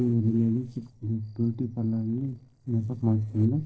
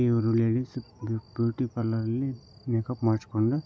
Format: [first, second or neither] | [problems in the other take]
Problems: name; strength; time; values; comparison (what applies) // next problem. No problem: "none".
second | noise reduction (neural separator model SepFormer DNS4)